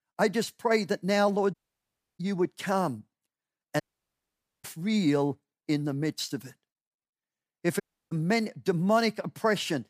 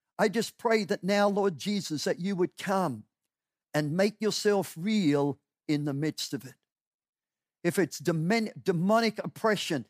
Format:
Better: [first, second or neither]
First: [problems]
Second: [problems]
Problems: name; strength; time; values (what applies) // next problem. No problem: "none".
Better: second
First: audio cutting out; at 1.5 s for 0.5 s, at 4 s for 1 s and at 8 s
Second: none